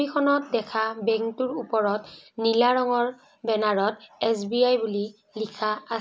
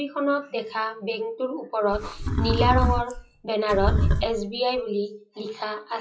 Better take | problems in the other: first | noise reduction (classical method WPE with log-MMSE)

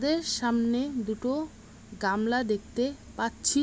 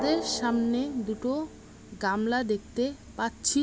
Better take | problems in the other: first | background sound (Drum); 12 dB below the speech

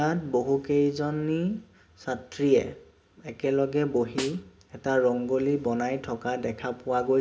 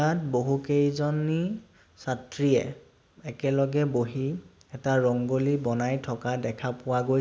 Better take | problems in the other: second | background sound (Snare drum); 14 dB below the speech // room echo; dies away in 0.3 s

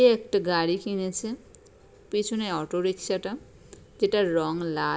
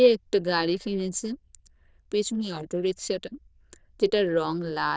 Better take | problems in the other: first | noise reduction (neural diffusion model UNIVERSE++)

